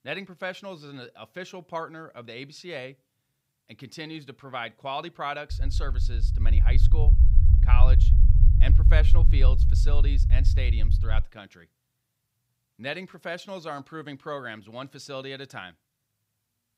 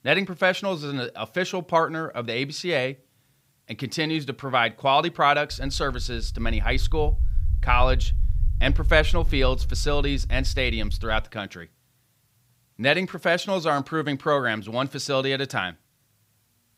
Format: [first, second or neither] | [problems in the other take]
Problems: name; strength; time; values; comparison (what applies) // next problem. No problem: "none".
second | low rumble; loud; from 5.5 to 11 s; 6 dB below the speech; faint in the second